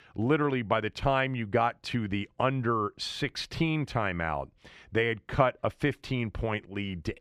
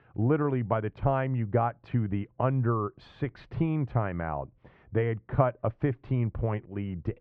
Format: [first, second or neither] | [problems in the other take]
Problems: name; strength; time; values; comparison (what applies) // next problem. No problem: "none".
first | muffled; very; fading above 1 kHz